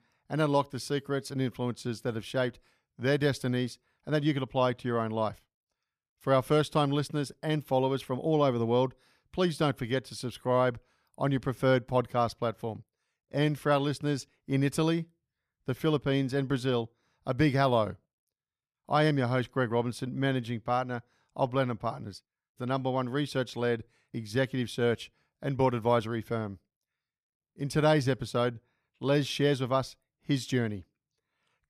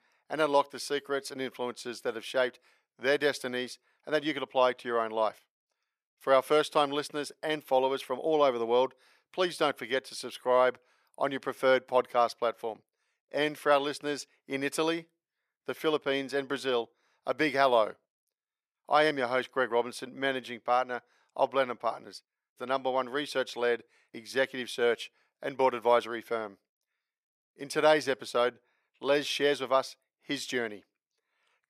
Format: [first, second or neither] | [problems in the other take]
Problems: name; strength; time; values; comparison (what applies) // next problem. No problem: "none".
first | thin; somewhat; fading below 500 Hz